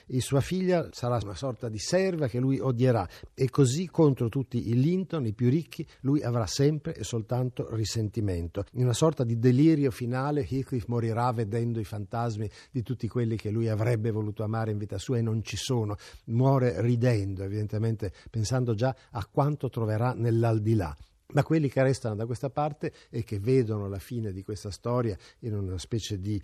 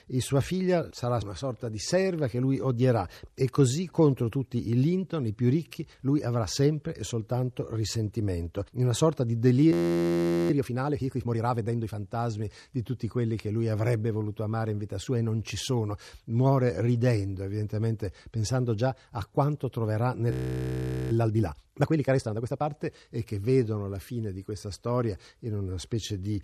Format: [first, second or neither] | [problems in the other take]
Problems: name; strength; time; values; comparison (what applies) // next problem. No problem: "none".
first | audio freezing; at 9.5 s for 1 s and at 20 s for 1 s